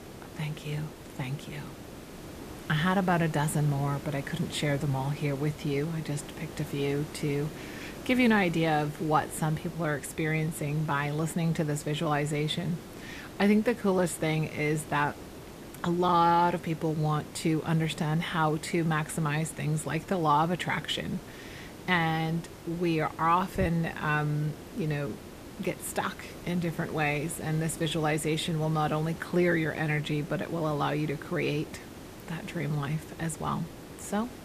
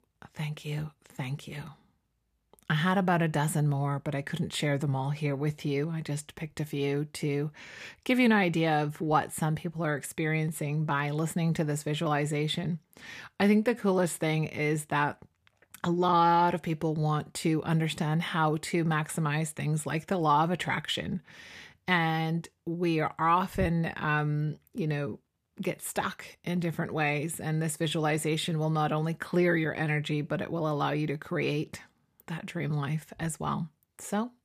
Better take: second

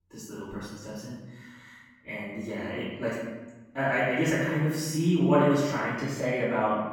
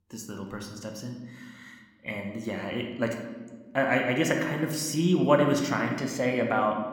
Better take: second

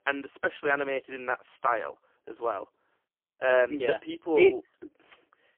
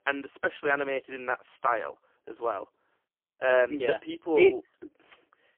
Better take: neither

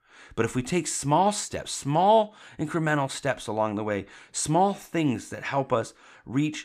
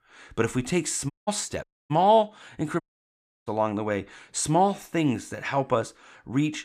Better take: first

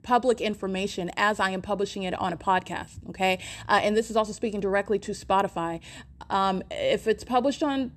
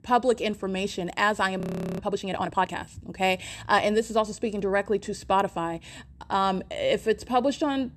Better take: first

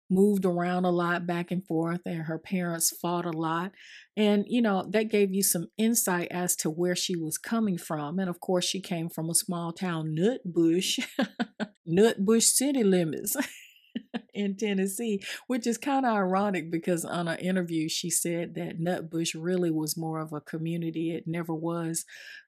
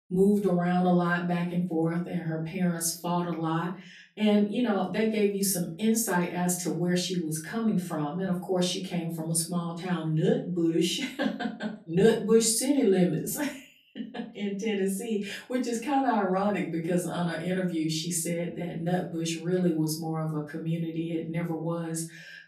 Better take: first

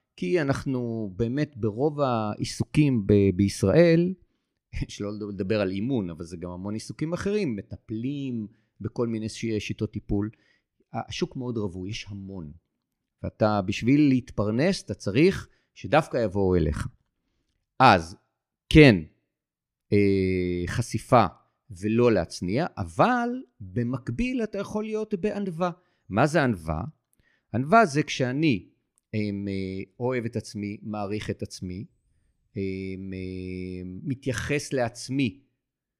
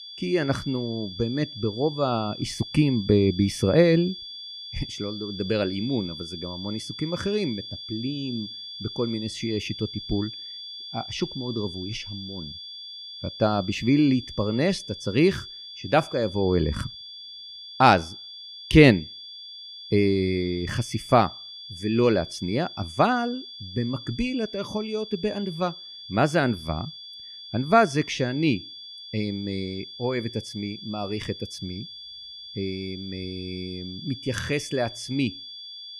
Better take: first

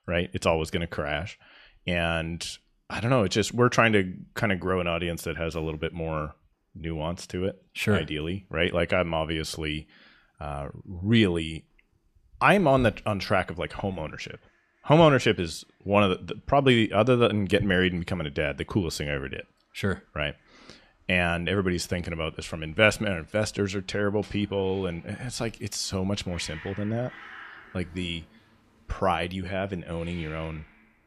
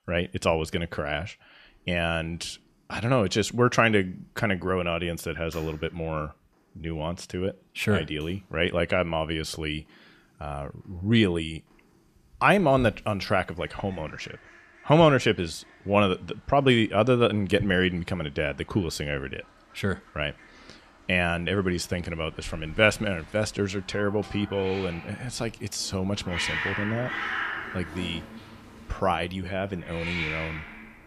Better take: first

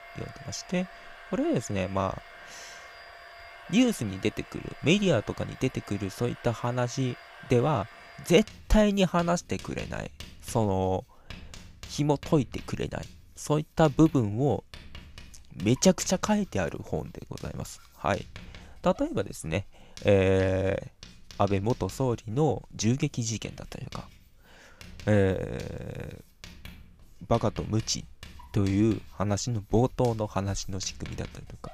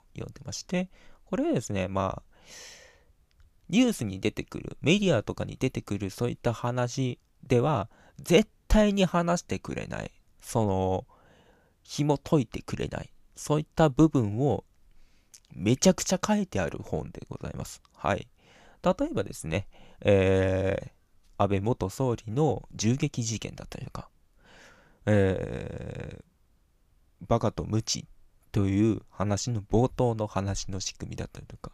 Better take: second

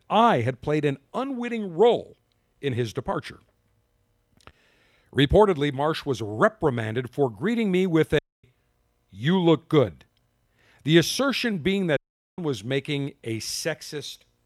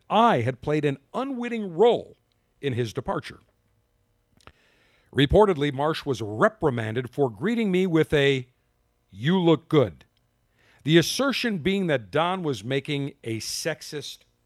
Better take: second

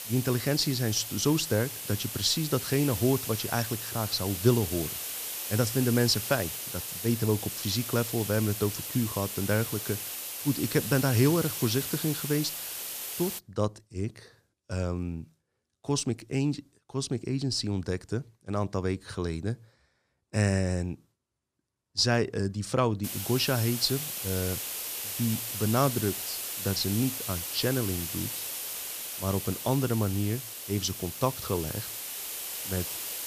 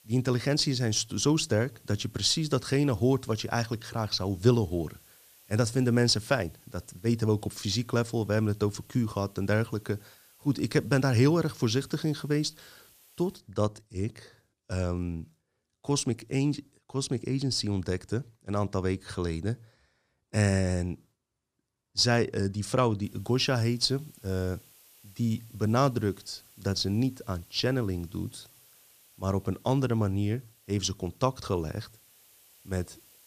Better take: second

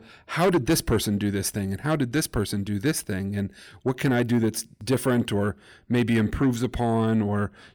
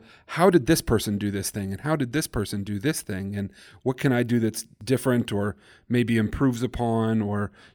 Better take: second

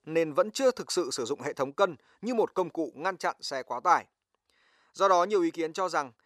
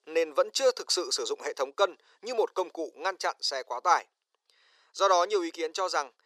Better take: first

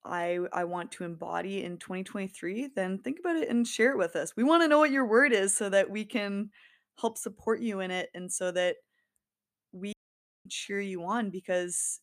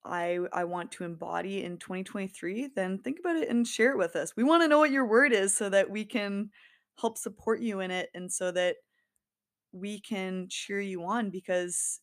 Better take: second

